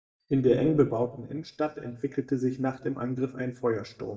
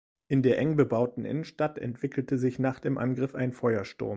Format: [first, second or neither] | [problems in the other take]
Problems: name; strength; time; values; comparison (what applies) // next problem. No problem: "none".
second | noise reduction (neural mask model DeepFilterNet 3)